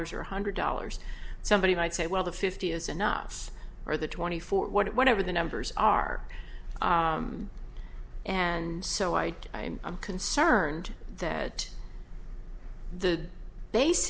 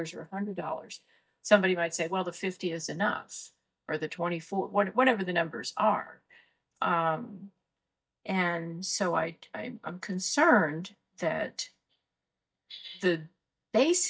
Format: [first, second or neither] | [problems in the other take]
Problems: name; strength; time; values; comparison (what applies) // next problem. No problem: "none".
first | noise reduction (neural mask model DeepFilterNet 3)